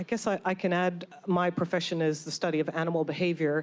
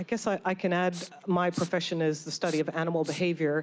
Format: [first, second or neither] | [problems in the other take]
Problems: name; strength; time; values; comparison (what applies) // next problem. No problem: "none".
first | background sound (Respiratory sounds); 18 dB below the speech